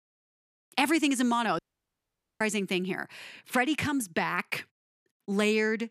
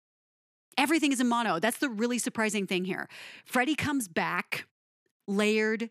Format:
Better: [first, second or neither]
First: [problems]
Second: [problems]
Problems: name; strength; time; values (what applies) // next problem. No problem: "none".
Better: second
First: audio cutting out; at 1.5 s for 1 s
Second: none